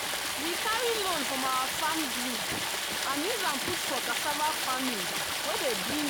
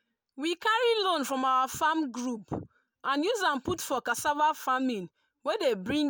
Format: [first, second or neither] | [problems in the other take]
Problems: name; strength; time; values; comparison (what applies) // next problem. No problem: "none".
second | background sound (Stream); 2 dB above the speech